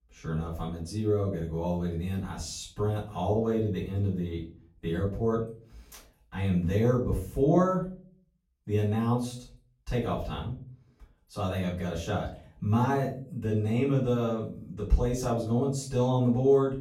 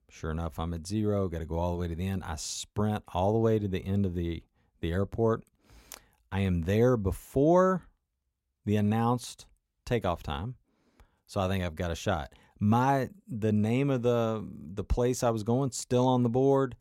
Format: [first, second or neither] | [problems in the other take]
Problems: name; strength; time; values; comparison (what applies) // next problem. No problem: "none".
second | off-mic speech; far // room echo; slight; dies away in 0.4 s